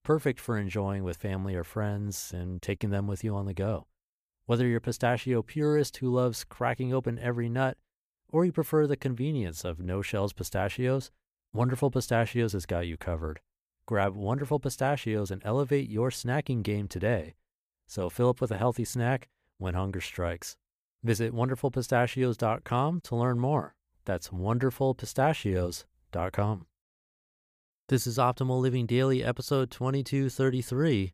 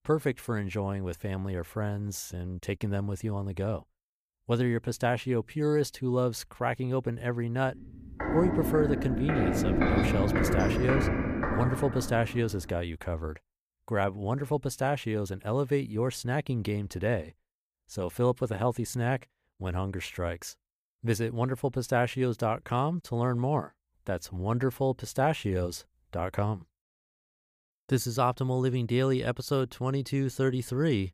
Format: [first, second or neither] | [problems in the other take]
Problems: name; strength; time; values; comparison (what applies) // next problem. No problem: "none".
first | footsteps; loud; from 8 to 13 s; peak 5 dB above the speech